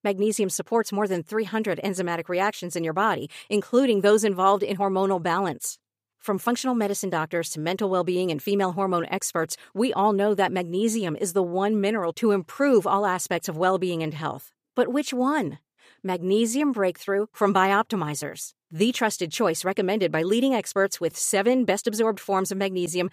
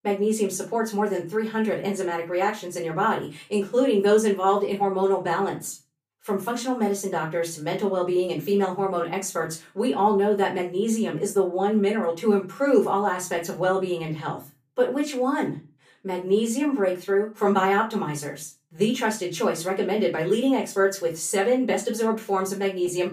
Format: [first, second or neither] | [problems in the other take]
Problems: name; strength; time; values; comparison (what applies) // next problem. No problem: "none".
first | off-mic speech; far // room echo; very slight; dies away in 0.3 s